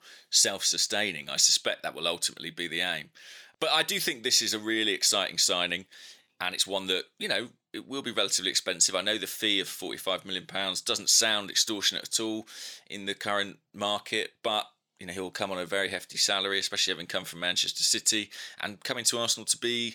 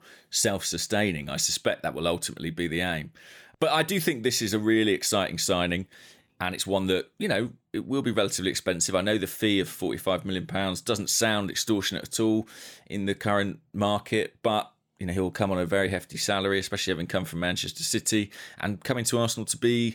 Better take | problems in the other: second | thin; somewhat; fading below 550 Hz

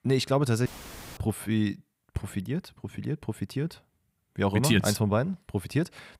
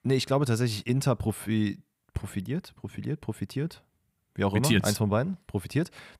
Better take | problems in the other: second | audio cutting out; filled with static; at 0.5 s for 0.5 s

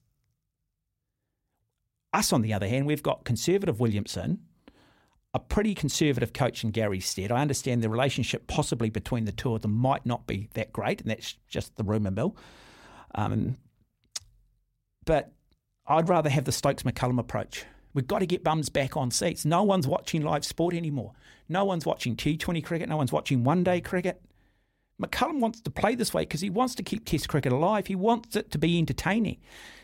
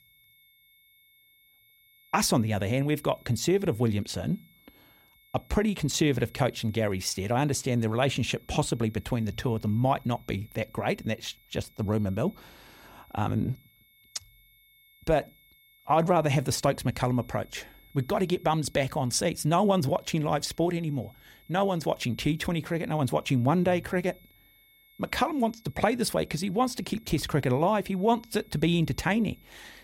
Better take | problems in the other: first | high-pitched whine; faint; throughout; 2 kHz, 30 dB below the speech

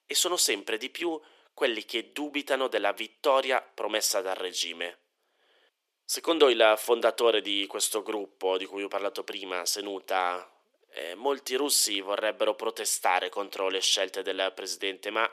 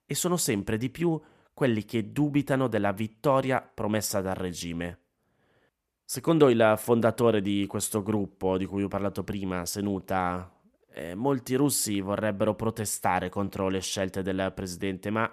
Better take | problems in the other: second | thin; very; fading below 350 Hz

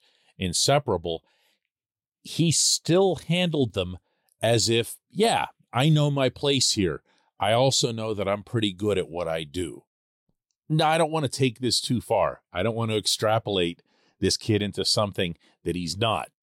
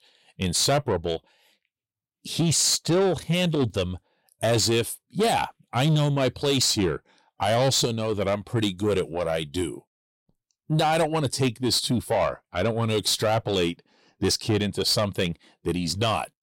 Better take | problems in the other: first | distortion; slight; 10 dB below the speech

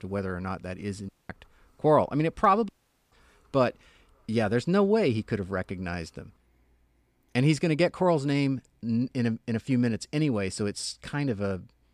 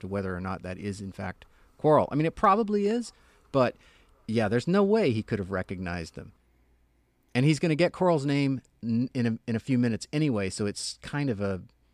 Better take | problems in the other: second | audio cutting out; at 1 s and at 2.5 s

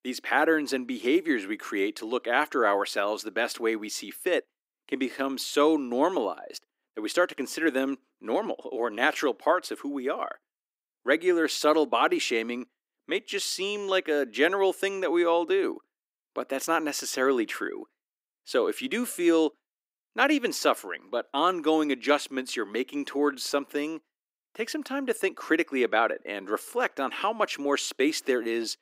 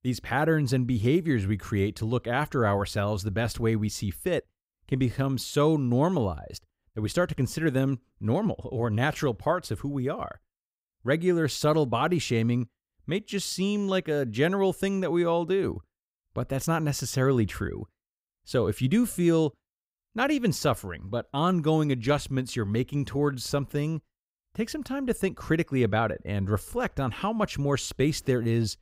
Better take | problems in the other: second | thin; somewhat; fading below 300 Hz

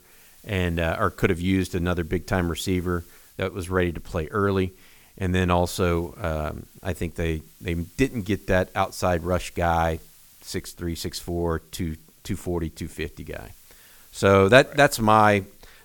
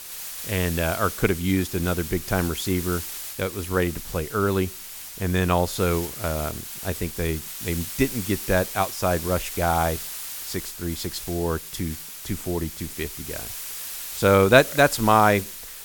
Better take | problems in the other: first | hiss; loud; throughout; 8 dB below the speech; faint in the first

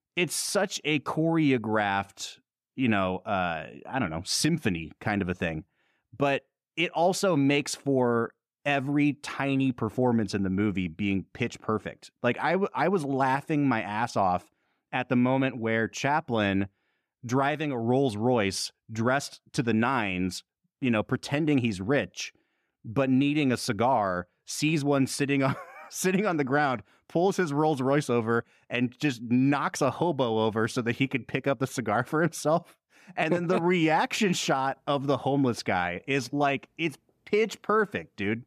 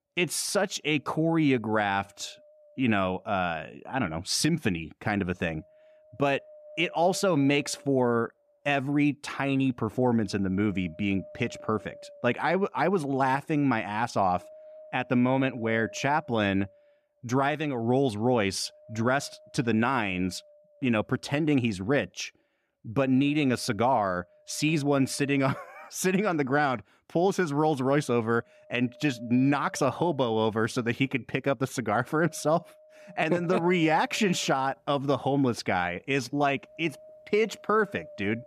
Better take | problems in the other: first | wind noise on the microphone; occasional gusts; 20 dB below the speech

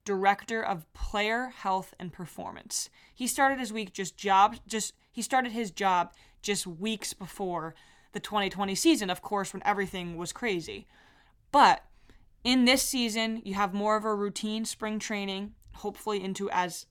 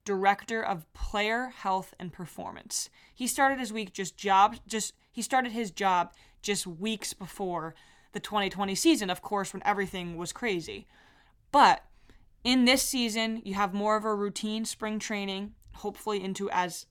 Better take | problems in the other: neither | none

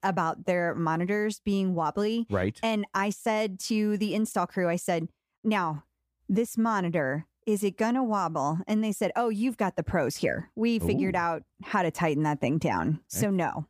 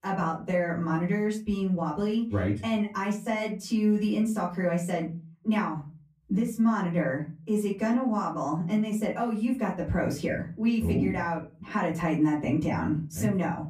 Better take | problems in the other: first | off-mic speech; far // room echo; very slight; dies away in 0.4 s

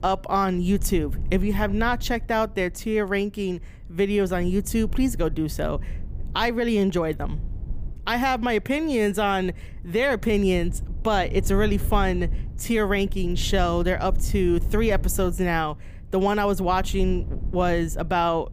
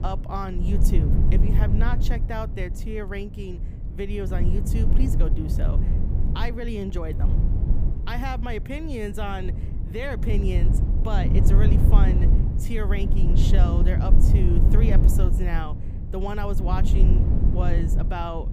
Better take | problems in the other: first | low rumble; loud; throughout; 4 dB below the speech; faint in the first

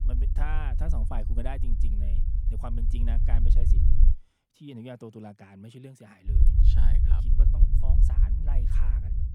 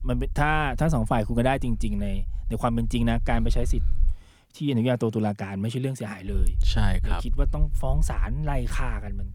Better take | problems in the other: second | low rumble; loud; until 4 s and from 6.5 s on; 2 dB below the speech; faint in the second

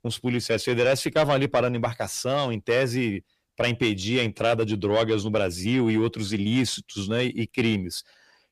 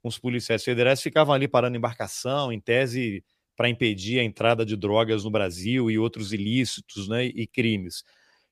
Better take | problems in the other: second | distortion; slight; 10 dB below the speech

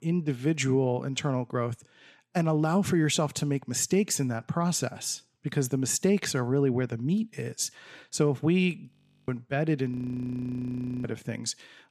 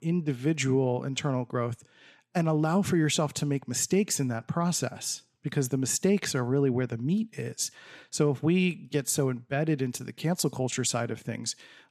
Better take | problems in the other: second | audio freezing; at 9 s and at 10 s for 1 s

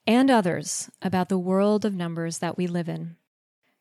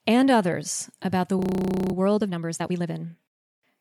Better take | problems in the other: first | audio freezing; at 1.5 s for 0.5 s

